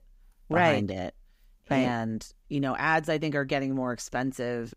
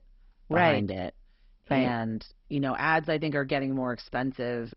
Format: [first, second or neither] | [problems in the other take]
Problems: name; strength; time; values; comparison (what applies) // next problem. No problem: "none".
first | garbled, watery; badly; nothing above 5.5 kHz